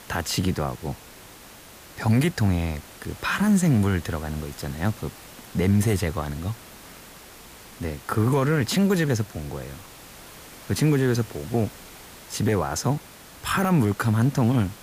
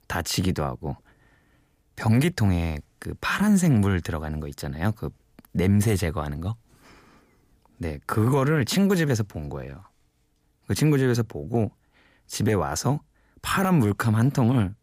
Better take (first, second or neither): second